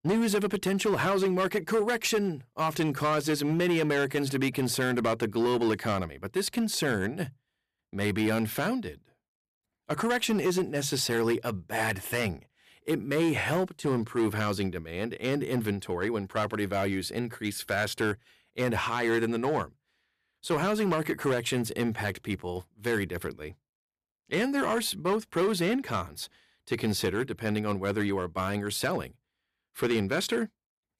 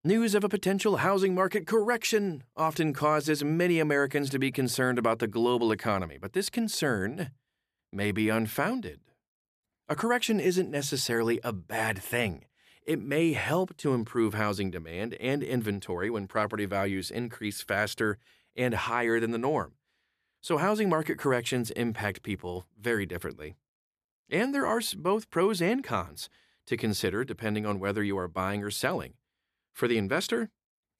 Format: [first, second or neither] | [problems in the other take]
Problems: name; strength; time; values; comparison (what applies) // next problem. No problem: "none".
second | distortion; slight; 7% of the sound clipped